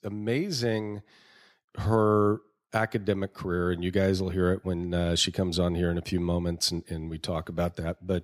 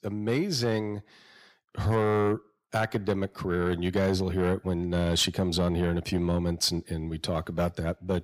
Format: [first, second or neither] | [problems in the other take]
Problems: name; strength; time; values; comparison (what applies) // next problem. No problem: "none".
first | distortion; slight; 10 dB below the speech